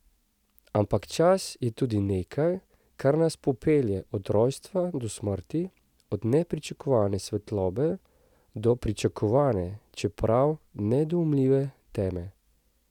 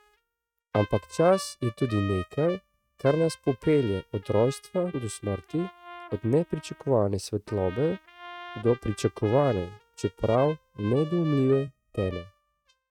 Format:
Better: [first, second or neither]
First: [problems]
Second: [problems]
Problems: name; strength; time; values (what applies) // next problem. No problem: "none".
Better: first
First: none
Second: noise reduction (neural mask model RNNoise)